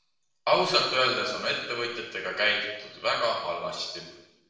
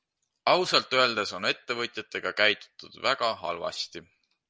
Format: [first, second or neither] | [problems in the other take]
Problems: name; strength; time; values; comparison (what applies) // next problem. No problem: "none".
second | room echo; dies away in 0.9 s